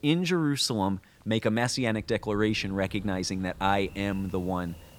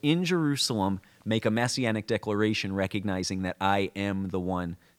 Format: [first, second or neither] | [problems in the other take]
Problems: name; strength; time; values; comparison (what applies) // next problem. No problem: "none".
second | rain or running water; faint; throughout; 20 dB below the speech